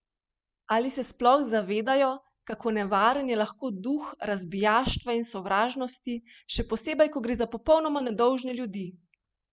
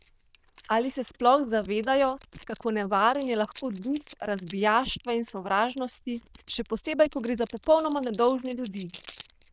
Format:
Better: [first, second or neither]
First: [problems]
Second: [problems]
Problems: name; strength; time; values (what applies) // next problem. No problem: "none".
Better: first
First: none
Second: noise reduction (neural diffusion model UNIVERSE++)